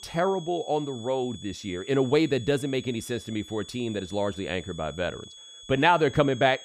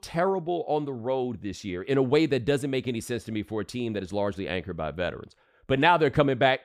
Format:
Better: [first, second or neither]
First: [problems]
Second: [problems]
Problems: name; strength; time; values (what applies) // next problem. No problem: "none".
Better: second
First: high-pitched whine; noticeable; throughout; 3.5 kHz, 15 dB below the speech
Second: none